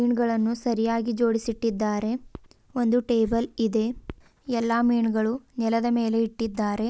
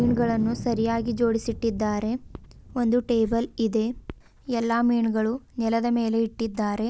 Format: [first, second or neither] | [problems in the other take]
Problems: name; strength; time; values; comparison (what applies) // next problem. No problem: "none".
first | background sound (Thunder); 14 dB below the speech